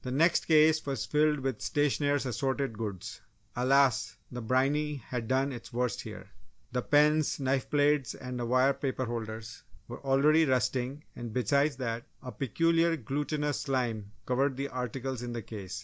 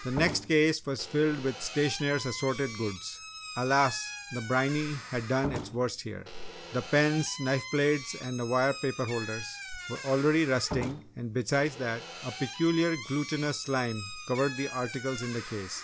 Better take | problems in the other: first | background sound (Squeak / Slam); 12 dB below the speech

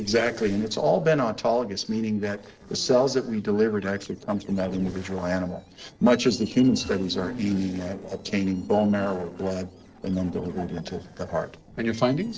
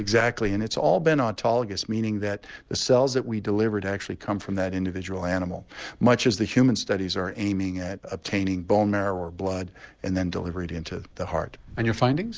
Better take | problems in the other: second | noise reduction (neural separator model SepFormer DNS4)

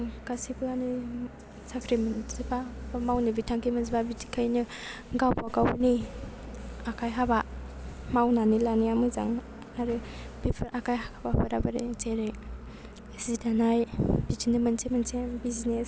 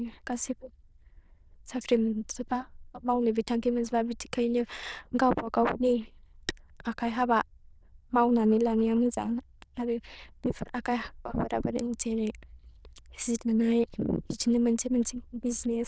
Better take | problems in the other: first | noise reduction (neural diffusion model UNIVERSE++)

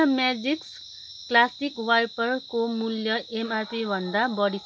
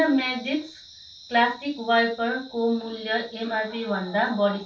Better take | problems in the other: first | room echo; dies away in 0.3 s

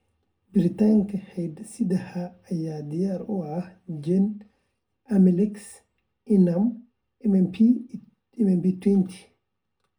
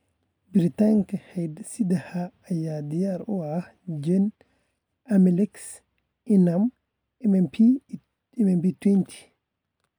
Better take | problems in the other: second | room echo; dies away in 0.2 s

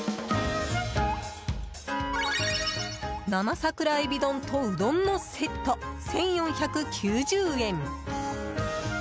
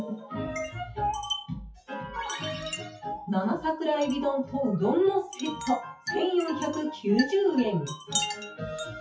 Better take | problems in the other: first | noise reduction (classical method WPE with log-MMSE)

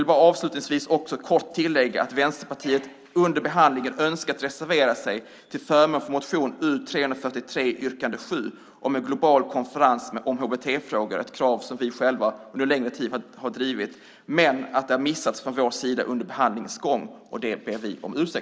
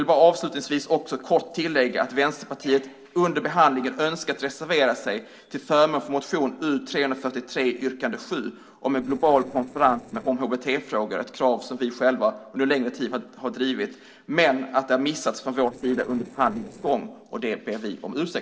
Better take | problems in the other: first | noise reduction (neural separator model SepFormer DNS4)

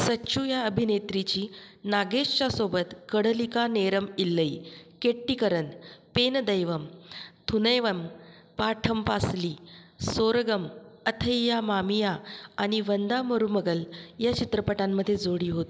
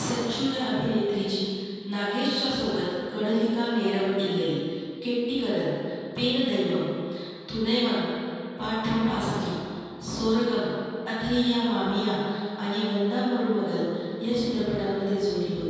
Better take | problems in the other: first | room echo; dies away in 2.1 s

